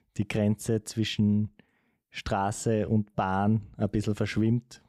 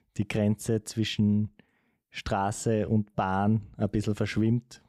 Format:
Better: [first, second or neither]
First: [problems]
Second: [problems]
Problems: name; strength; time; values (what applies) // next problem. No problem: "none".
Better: neither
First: none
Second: none